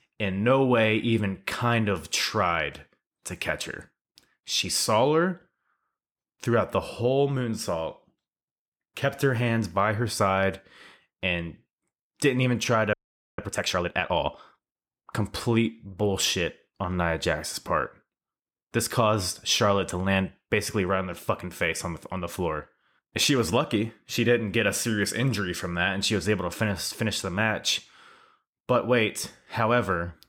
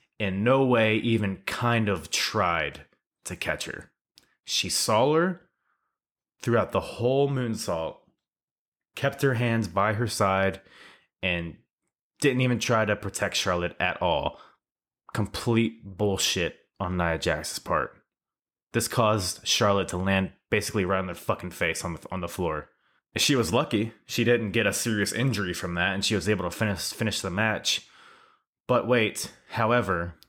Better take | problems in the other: second | audio freezing; at 13 s

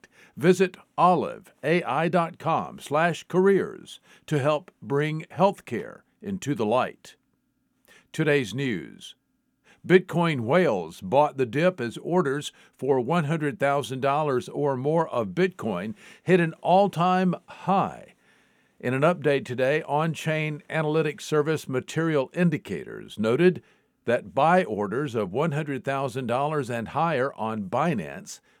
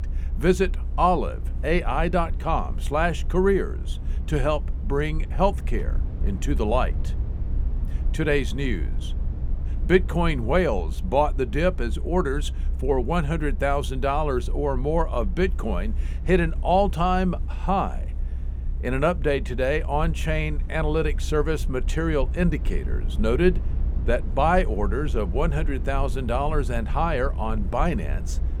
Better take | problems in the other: first | low rumble; faint; throughout; 20 dB below the speech

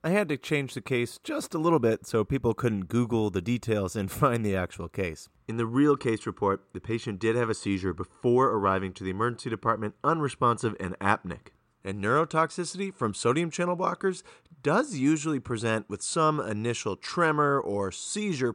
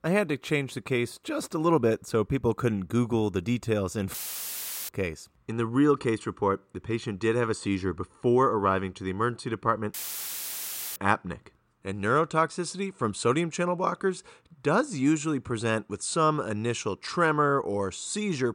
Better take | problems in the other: first | audio cutting out; filled with static; at 4 s for 1 s and at 10 s for 1 s

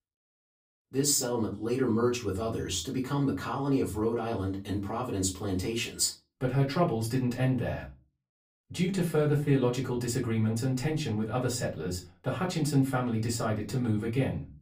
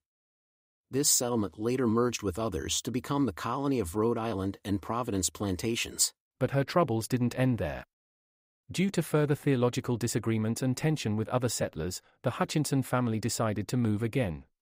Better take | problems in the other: second | off-mic speech; far // room echo; very slight; dies away in 0.3 s

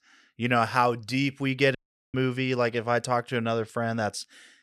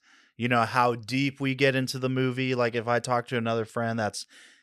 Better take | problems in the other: second | audio cutting out; at 2 s

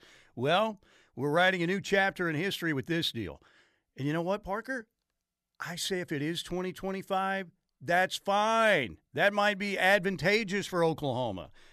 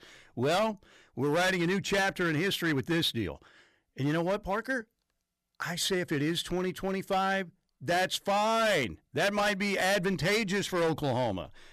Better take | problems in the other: first | distortion; heavy; 12% of the sound clipped

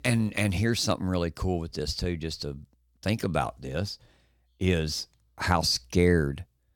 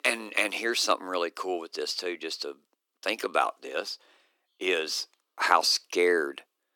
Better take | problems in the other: first | thin; very; fading below 300 Hz

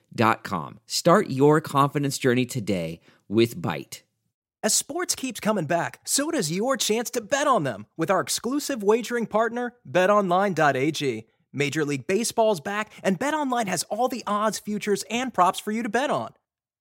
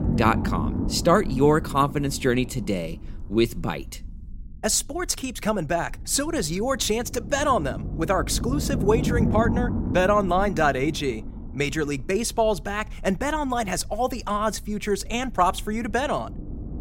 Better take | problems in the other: first | low rumble; noticeable; throughout; 10 dB below the speech

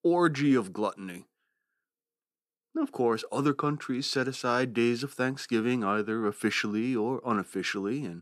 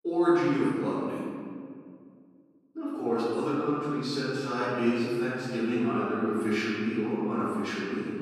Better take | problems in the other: first | off-mic speech; far // room echo; strong; dies away in 2 s

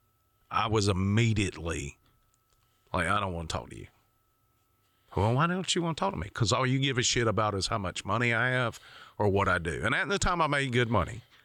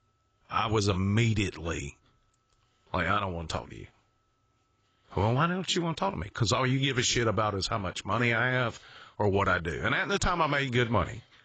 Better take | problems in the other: first | garbled, watery; badly; nothing above 7.5 kHz

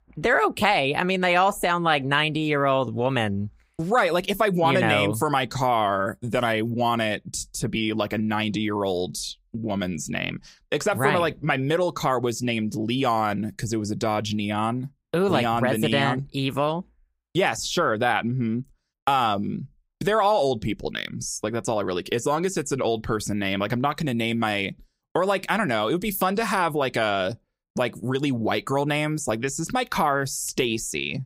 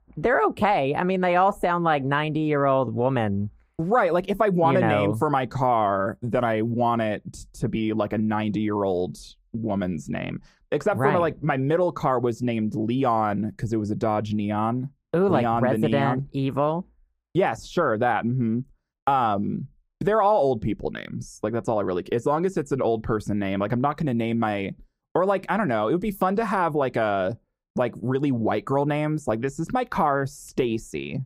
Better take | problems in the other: first | muffled; slightly; fading above 2 kHz

